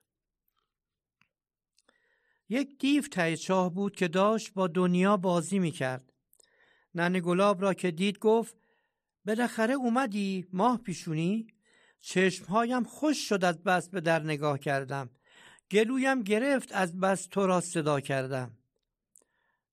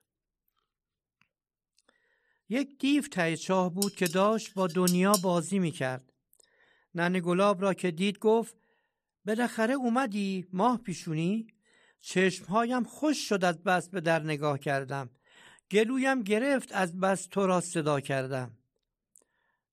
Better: first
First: none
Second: clattering dishes; noticeable; from 4 to 5 s; peak 2 dB below the speech

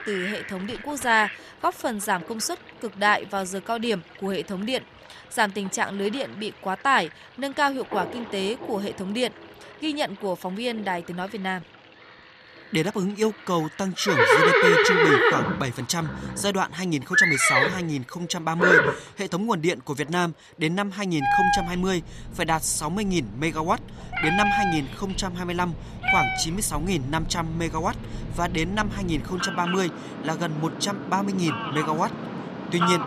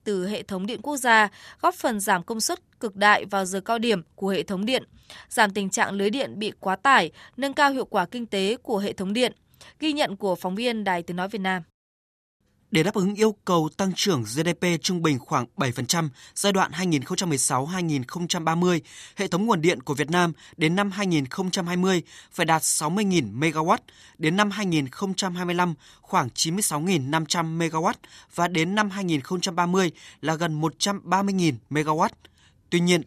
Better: second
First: animal sounds; very loud; throughout; 3 dB above the speech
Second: none

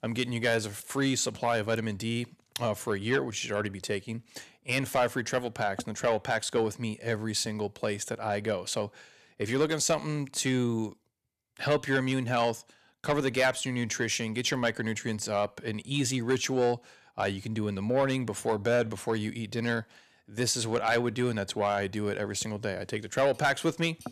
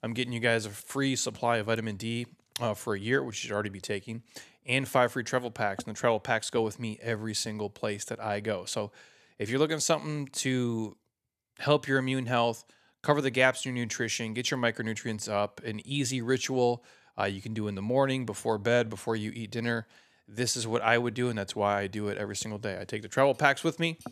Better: second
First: distortion; slight; 10 dB below the speech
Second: none

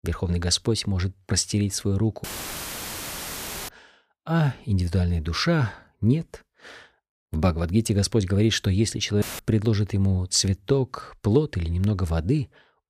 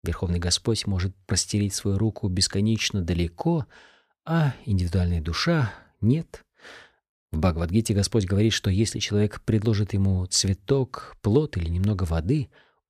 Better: second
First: audio cutting out; filled with static; at 2 s for 1.5 s and at 9 s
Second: none

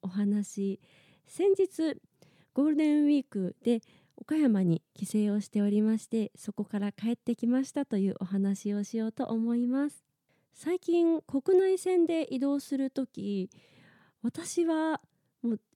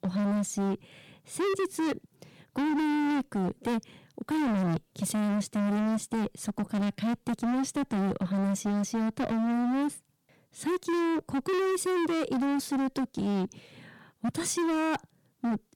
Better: first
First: none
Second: distortion; heavy; 35% of the sound clipped

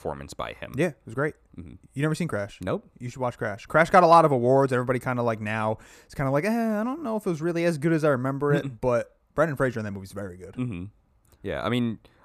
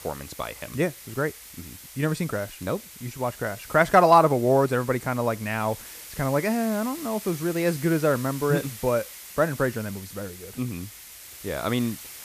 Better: first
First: none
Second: hiss; noticeable; throughout; 15 dB below the speech

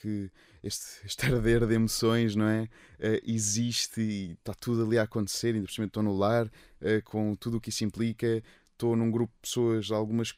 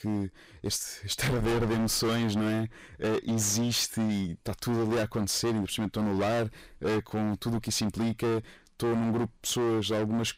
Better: first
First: none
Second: distortion; heavy; 25% of the sound clipped

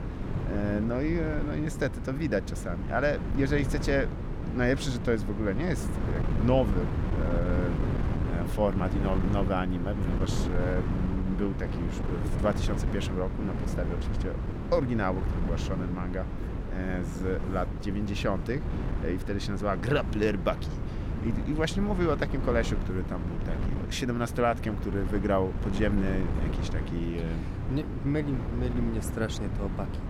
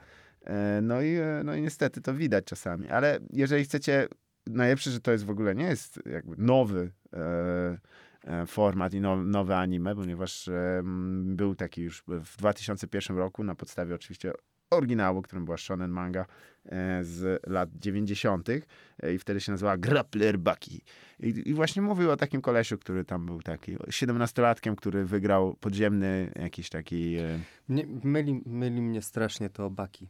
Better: second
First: wind noise on the microphone; heavy; 7 dB below the speech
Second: none

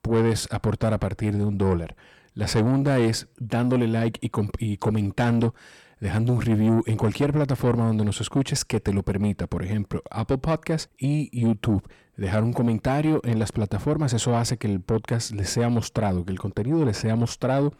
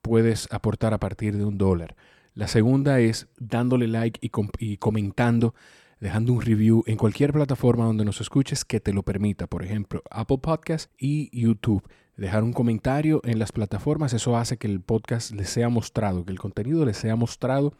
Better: second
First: distortion; slight; 10 dB below the speech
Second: none

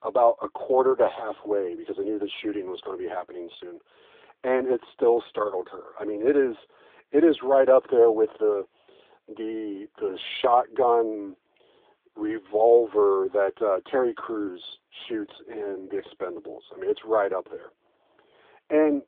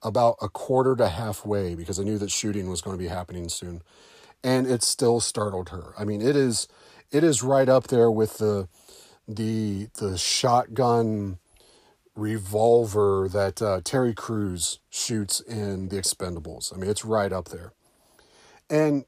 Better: second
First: phone-call audio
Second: none

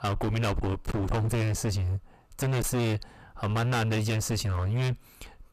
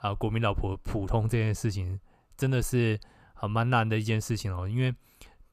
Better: second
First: distortion; heavy; 34% of the sound clipped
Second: none

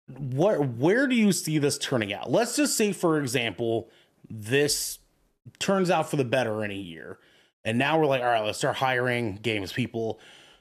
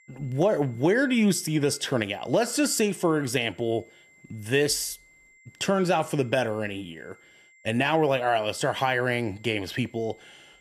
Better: first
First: none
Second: high-pitched whine; faint; throughout; 2 kHz, 30 dB below the speech

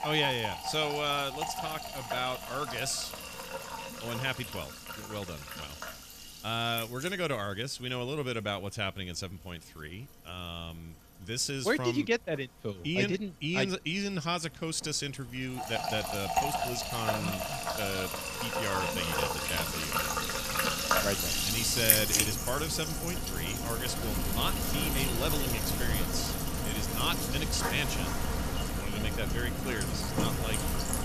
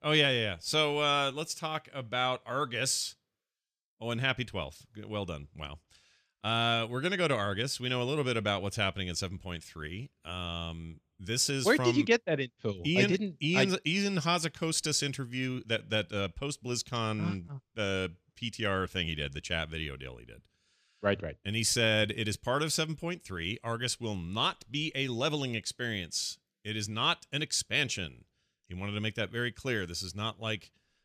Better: second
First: household noises; very loud; throughout; 2 dB above the speech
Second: none

